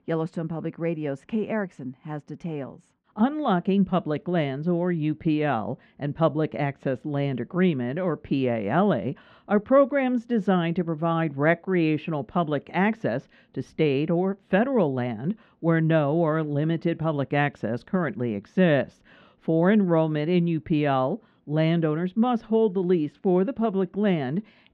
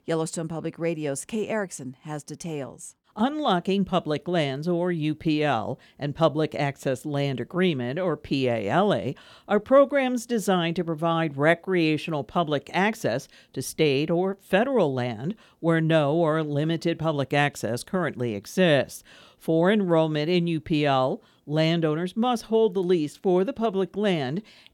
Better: second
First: muffled; very; fading above 2 kHz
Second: none

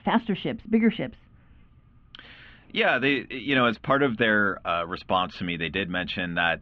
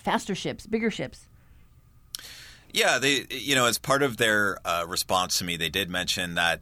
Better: second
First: muffled; very; fading above 3 kHz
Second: none

